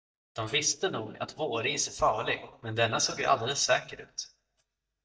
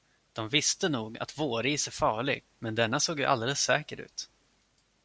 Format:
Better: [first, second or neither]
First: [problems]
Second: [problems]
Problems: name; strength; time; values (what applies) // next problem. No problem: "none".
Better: second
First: noise reduction (neural mask model DeepFilterNet 3)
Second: none